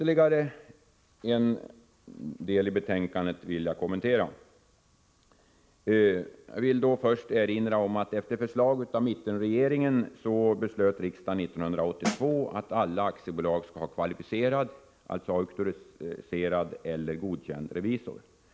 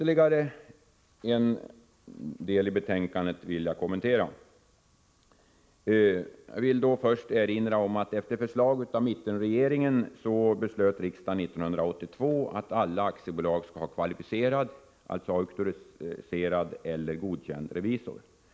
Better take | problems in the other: second | background sound (Snare drum); 7 dB below the speech

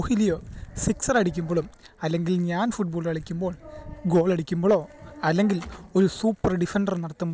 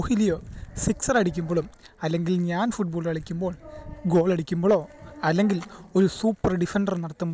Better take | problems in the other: second | background sound (Gunshot, gunfire); 18 dB below the speech

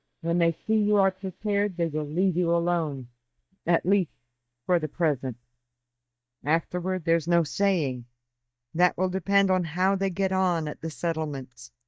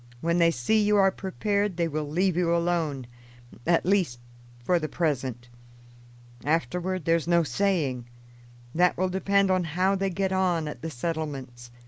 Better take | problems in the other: second | noise reduction (neural mask model DeepFilterNet 3)

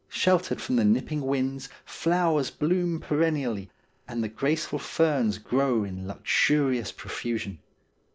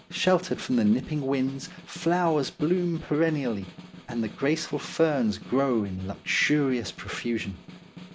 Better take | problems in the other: first | background sound (Snare drum); 18 dB below the speech

